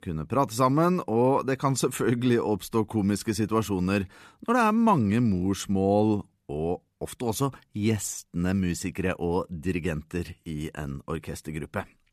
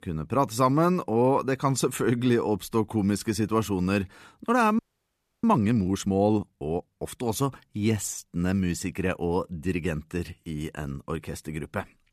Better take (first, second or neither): first